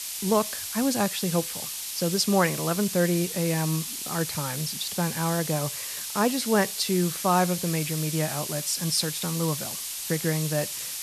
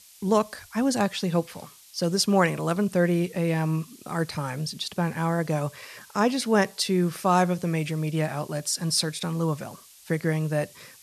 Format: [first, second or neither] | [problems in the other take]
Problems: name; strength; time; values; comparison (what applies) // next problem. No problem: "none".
second | hiss; loud; throughout; 4 dB below the speech; faint in the second